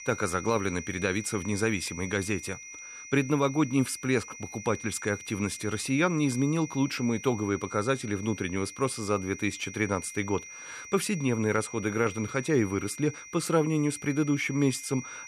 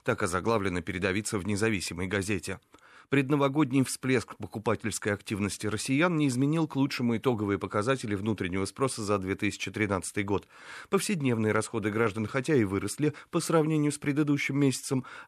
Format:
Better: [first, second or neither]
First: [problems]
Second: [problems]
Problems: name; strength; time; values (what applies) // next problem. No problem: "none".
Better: second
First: high-pitched whine; noticeable; throughout; 2 kHz, 15 dB below the speech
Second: none